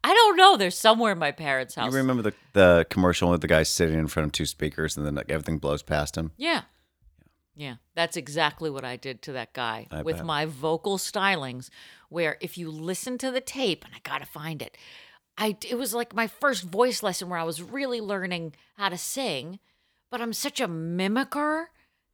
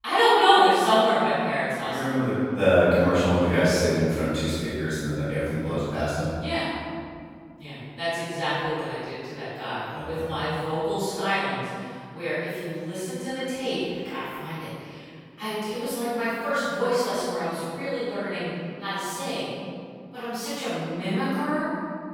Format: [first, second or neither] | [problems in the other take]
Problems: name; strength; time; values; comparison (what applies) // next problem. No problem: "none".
first | off-mic speech; far // room echo; strong; dies away in 2.1 s